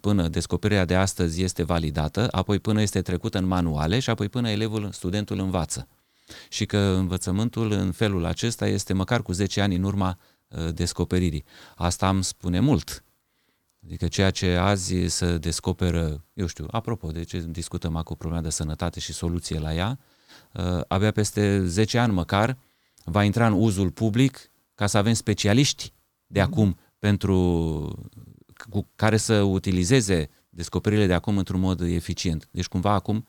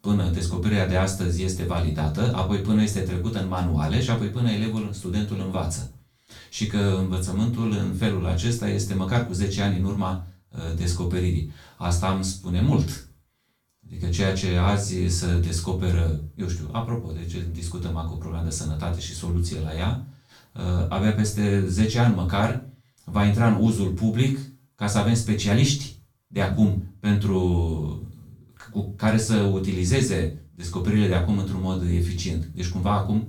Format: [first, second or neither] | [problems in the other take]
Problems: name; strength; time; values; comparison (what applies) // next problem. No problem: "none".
first | room echo; slight; dies away in 0.3 s // off-mic speech; far